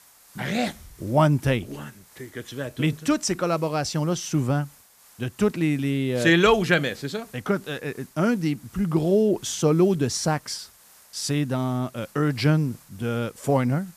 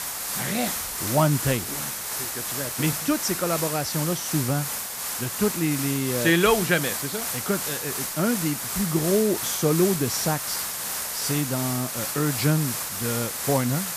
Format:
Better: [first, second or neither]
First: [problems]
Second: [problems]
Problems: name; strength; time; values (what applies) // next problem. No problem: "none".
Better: first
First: hiss; faint; throughout; 25 dB below the speech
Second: hiss; loud; throughout; 2 dB below the speech